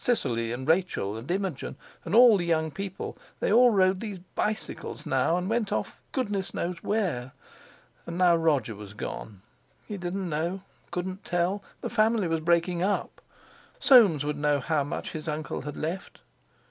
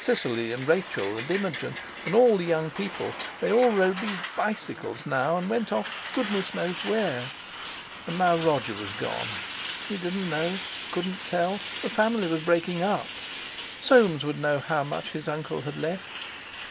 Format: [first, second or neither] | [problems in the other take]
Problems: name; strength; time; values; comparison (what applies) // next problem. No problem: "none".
first | background sound (Truck); 10 dB below the speech